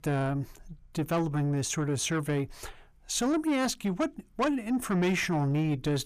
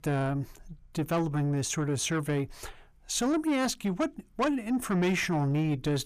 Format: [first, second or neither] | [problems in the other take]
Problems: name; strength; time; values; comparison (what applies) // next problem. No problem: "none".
neither | distortion; slight; 10 dB below the speech; the same in both